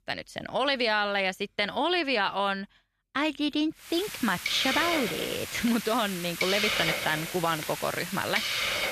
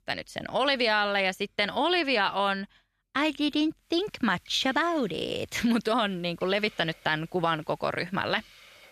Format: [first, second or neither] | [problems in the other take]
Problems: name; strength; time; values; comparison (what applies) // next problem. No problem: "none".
second | hiss; loud; from 4 s on; 2 dB below the speech; faint in the second